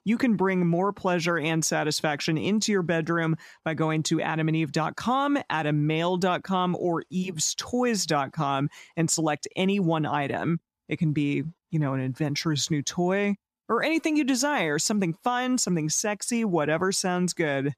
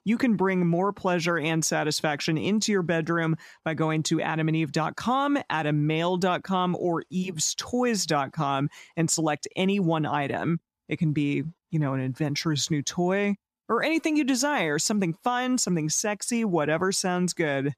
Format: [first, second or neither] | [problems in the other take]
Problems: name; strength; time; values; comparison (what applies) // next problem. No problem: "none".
neither | none